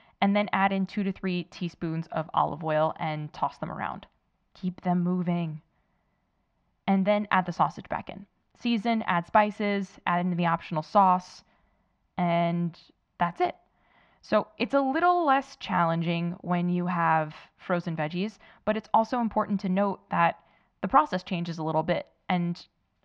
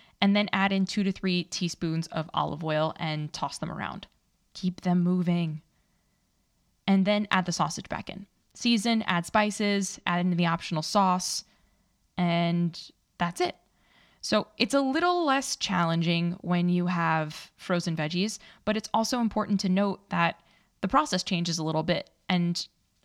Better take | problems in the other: second | muffled; very; fading above 2 kHz

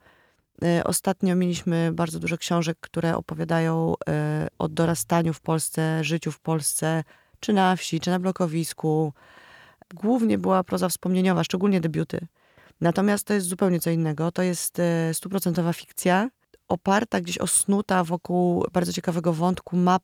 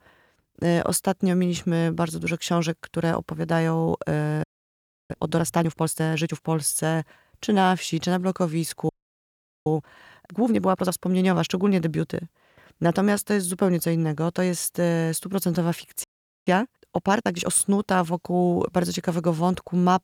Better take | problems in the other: first | audio freezing; at 4.5 s for 0.5 s, at 9 s for 1 s and at 16 s

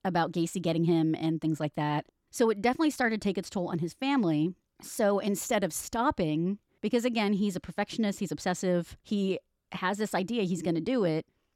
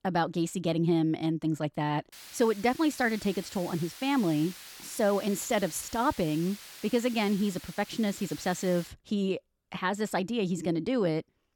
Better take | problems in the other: first | hiss; noticeable; from 2 to 9 s; 15 dB below the speech

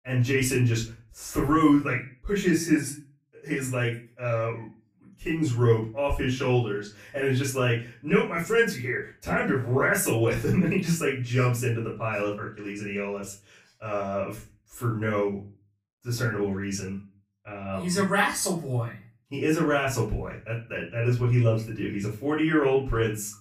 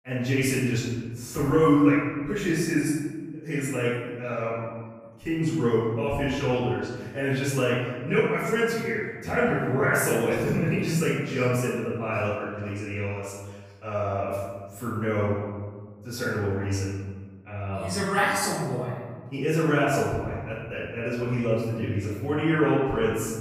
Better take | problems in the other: first | room echo; strong; dies away in 1.4 s; slight in the first // off-mic speech; far; far in the first

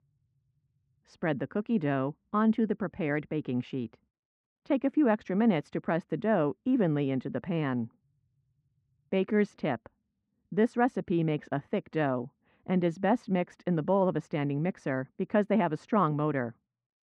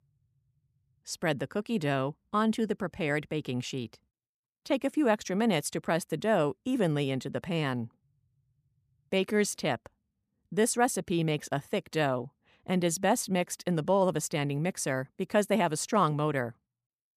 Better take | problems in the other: second | muffled; very; fading above 2 kHz

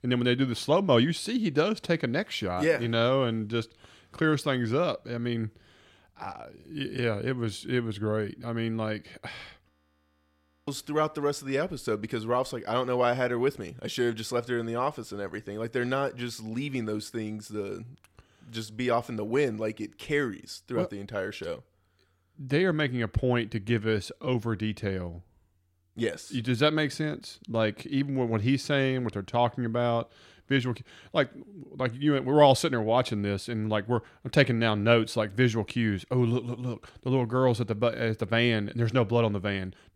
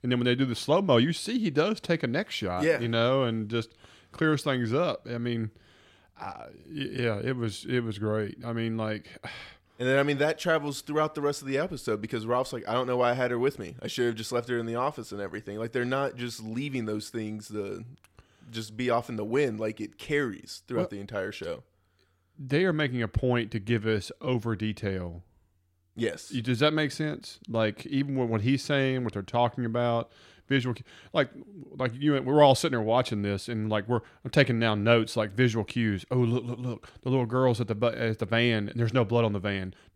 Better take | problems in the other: second | audio freezing; at 9.5 s for 1 s

